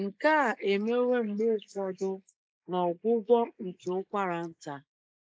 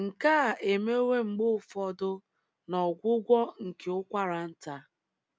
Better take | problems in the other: second | noise reduction (neural mask model Resemble Enhance denoiser)

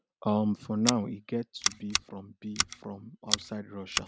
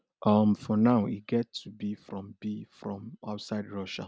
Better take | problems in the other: second | background sound (Scissors); 2 dB below the speech

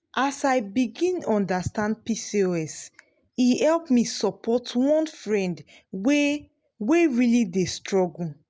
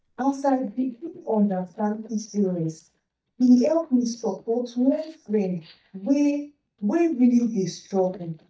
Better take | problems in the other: first | noise reduction (neural mask model DeepFilterNet 3)

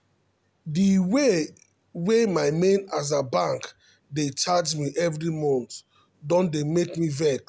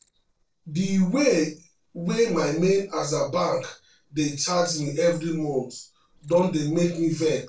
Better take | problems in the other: first | noise reduction (neural separator model SepFormer DNS4)

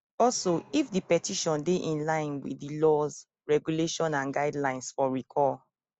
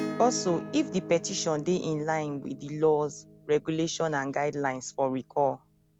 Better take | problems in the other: first | background sound (Acoustic guitar / Strum); 13 dB below the speech

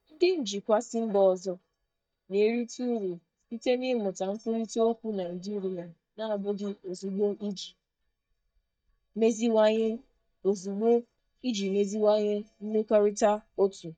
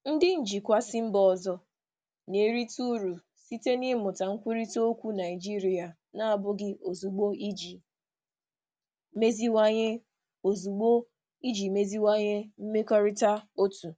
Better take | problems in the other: second | noise reduction (neural mask model DeepFilterNet 3)

